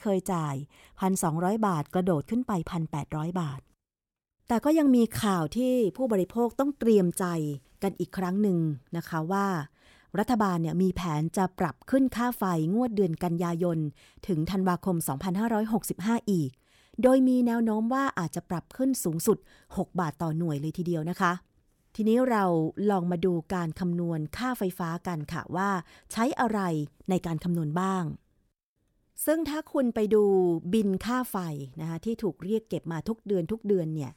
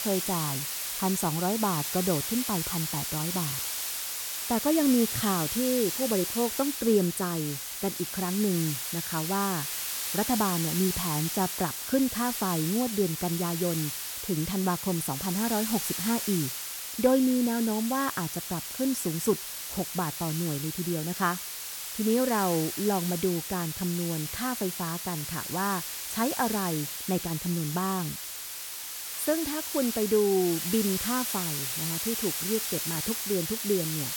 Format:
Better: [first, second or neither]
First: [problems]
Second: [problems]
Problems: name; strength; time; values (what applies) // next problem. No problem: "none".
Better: first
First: none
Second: hiss; loud; throughout; 2 dB below the speech